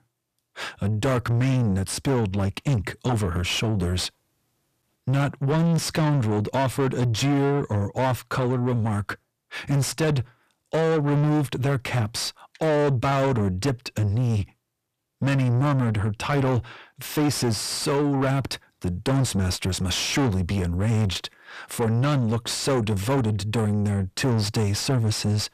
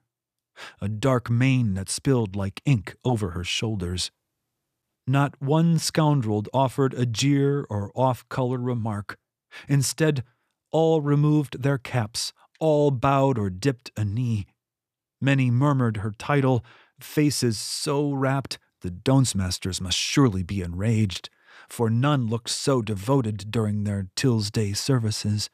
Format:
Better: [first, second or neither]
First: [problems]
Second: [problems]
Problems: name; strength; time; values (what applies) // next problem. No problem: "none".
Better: second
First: distortion; heavy; 6 dB below the speech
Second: none